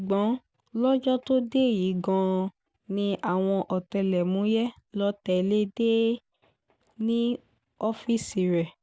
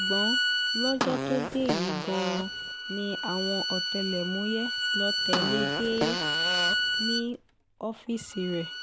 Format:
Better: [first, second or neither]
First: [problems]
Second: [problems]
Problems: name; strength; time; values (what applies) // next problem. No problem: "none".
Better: first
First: none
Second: background sound (Fart + Bowed string instrument); 2 dB above the speech